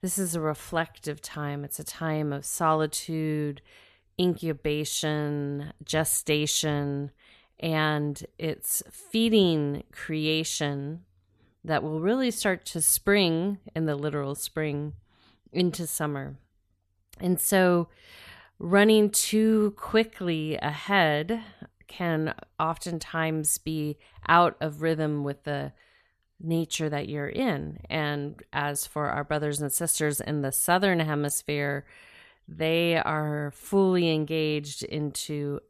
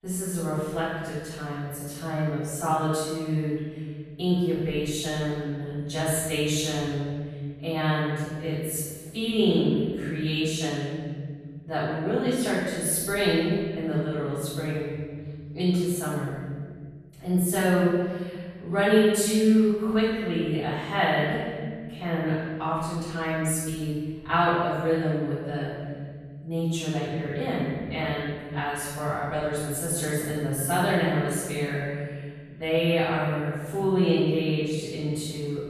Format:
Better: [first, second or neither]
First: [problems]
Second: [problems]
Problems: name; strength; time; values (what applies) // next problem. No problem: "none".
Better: first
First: none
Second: off-mic speech; far // room echo; strong; dies away in 1.9 s